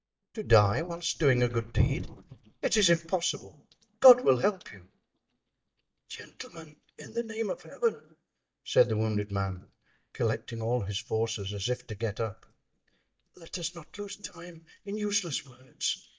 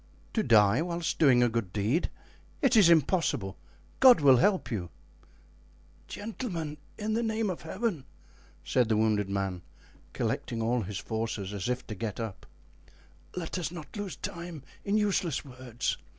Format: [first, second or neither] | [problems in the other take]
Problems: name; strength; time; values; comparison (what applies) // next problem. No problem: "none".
second | noise reduction (neural mask model DeepFilterNet 3)